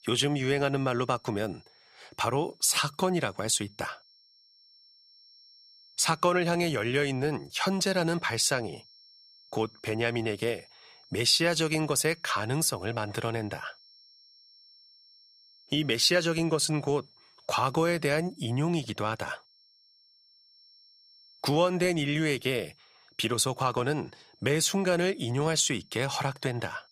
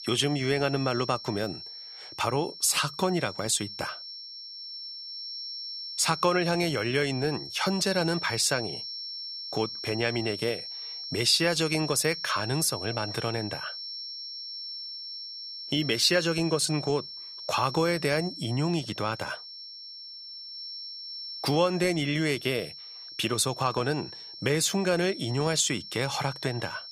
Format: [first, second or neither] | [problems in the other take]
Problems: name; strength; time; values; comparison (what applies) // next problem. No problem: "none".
first | high-pitched whine; loud; throughout; 5.5 kHz, 9 dB below the speech; faint in the first